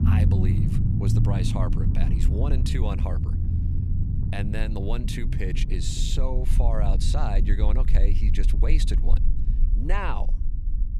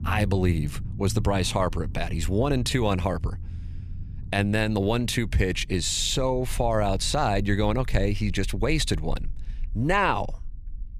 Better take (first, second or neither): second